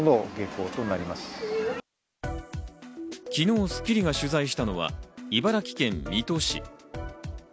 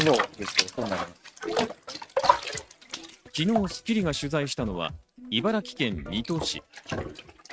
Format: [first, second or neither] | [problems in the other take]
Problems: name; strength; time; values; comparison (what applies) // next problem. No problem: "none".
first | noise reduction (neural mask model RNNoise)